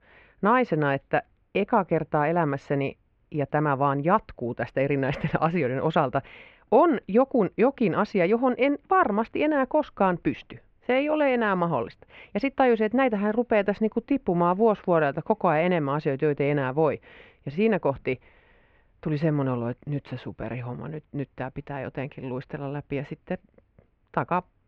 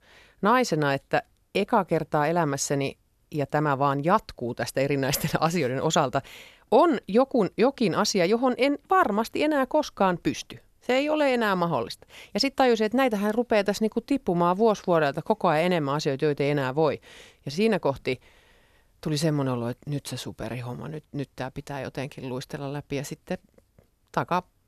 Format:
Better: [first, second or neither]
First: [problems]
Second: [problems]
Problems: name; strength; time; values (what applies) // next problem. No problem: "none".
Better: second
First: muffled; very; fading above 2.5 kHz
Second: none